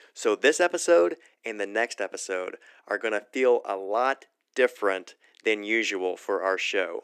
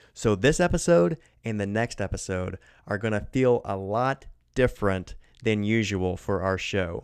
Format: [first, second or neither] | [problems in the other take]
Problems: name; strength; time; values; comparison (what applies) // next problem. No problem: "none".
second | thin; very; fading below 300 Hz